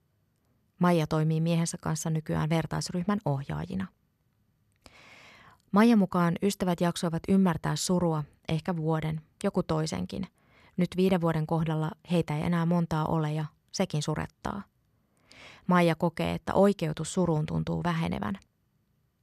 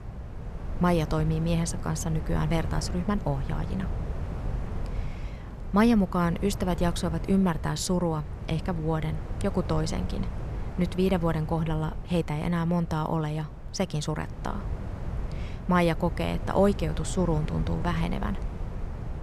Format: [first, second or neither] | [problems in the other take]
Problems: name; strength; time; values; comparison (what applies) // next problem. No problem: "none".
first | wind noise on the microphone; occasional gusts; 15 dB below the speech